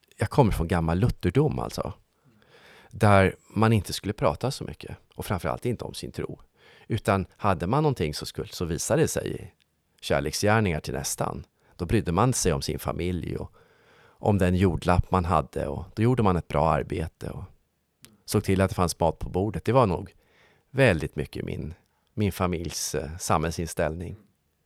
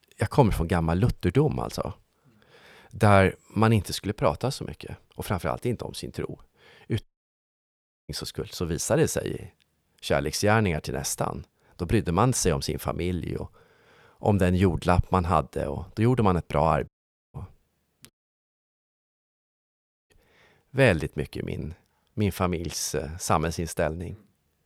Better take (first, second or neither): first